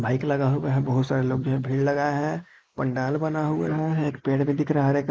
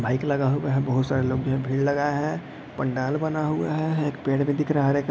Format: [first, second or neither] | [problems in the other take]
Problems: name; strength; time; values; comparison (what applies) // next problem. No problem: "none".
second | noise reduction (neural mask model Resemble Enhance denoiser)